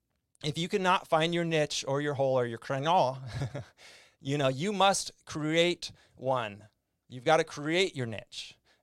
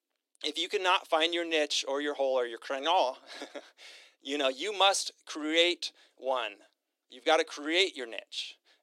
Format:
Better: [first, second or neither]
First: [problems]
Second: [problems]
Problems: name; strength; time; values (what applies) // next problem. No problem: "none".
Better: first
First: none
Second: thin; somewhat; fading below 300 Hz